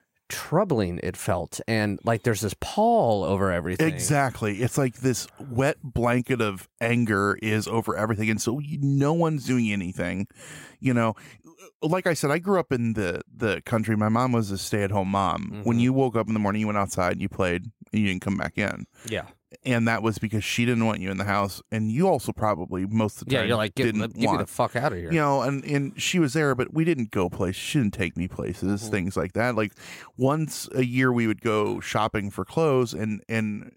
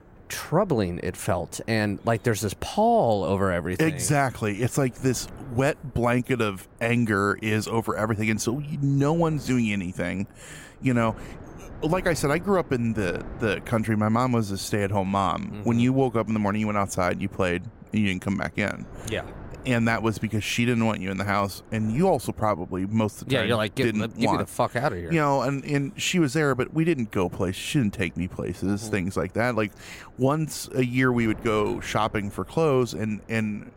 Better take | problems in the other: first | wind noise on the microphone; occasional gusts; 25 dB below the speech

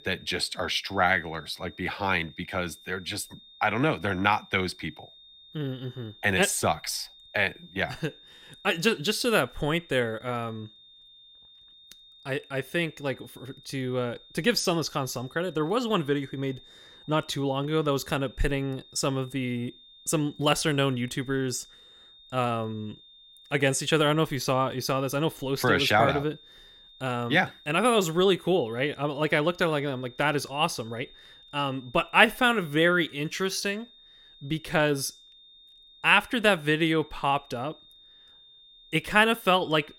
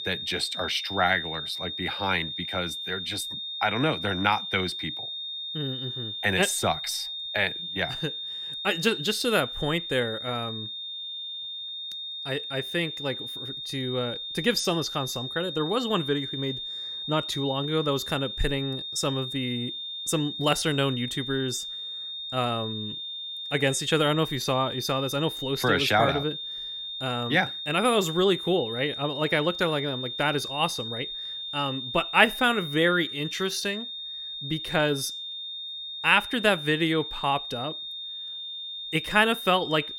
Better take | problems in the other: first | high-pitched whine; loud; throughout; 3.5 kHz, 6 dB below the speech; faint in the first

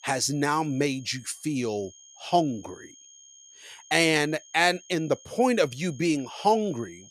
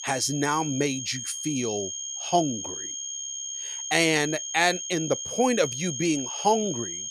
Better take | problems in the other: first | high-pitched whine; loud; throughout; 6.5 kHz, 5 dB below the speech; faint in the first

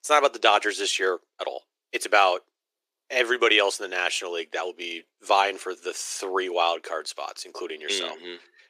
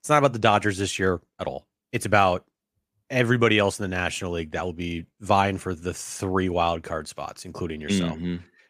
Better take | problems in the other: second | thin; very; fading below 350 Hz

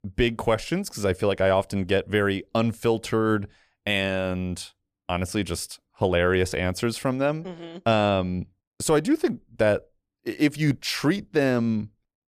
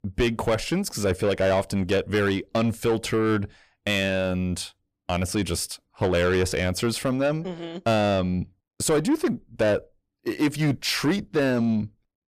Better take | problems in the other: first | distortion; slight; 10 dB below the speech

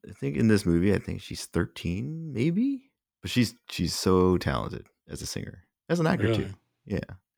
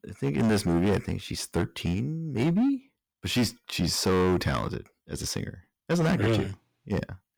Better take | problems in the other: first | distortion; heavy; 9% of the sound clipped

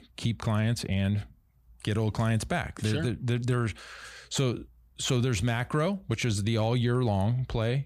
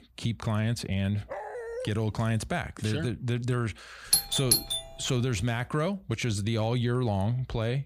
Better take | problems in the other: first | dog barking; noticeable; at 1.5 s; peak 7 dB below the speech // doorbell; loud; at 4 s; peak 6 dB above the speech

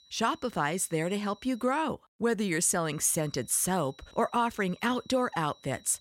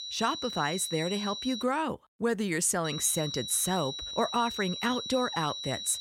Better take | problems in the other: first | high-pitched whine; loud; until 1.5 s and from 3 s on; 4 kHz, 6 dB below the speech; faint in the first

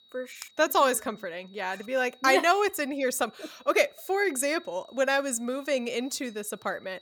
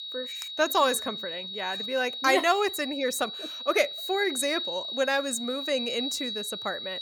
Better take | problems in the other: first | high-pitched whine; loud; throughout; 4 kHz, 5 dB below the speech; faint in the first

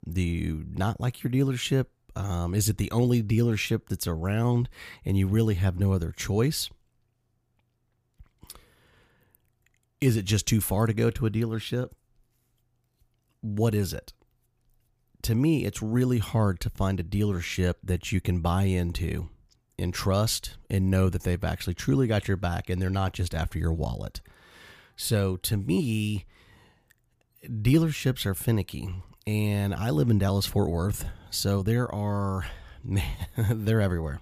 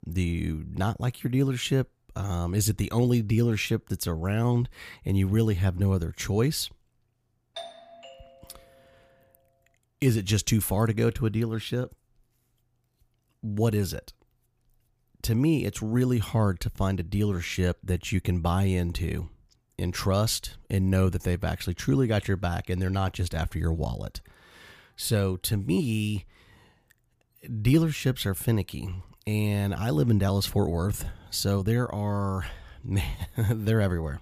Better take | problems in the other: first | doorbell; faint; at 7.5 s; peak 15 dB below the speech

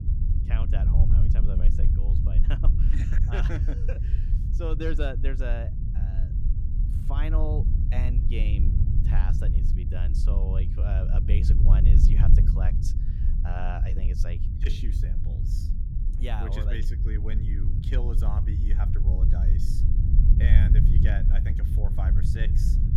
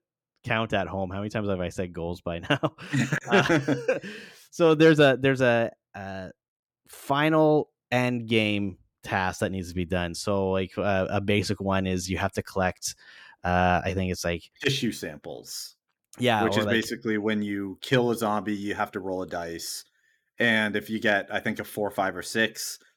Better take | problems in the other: second | low rumble; loud; throughout; 2 dB below the speech

